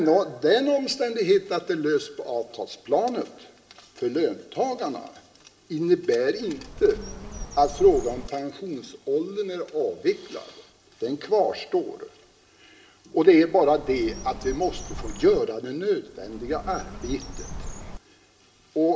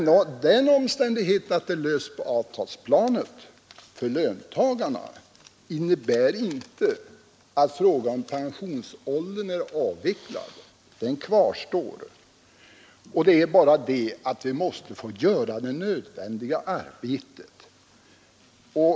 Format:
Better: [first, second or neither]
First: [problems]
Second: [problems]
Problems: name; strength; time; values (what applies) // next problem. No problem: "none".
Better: second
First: background sound (Bird); 11 dB below the speech // room echo; dies away in 0.8 s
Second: none